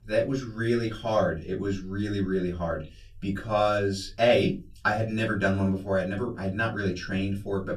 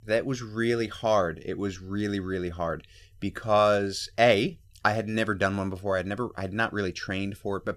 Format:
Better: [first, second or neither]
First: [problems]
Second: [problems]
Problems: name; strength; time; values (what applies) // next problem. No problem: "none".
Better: second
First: off-mic speech; far // room echo; very slight; dies away in 0.2 s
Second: none